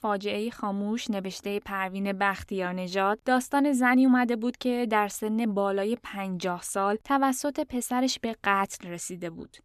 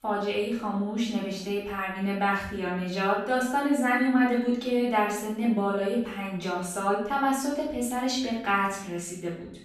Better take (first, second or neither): first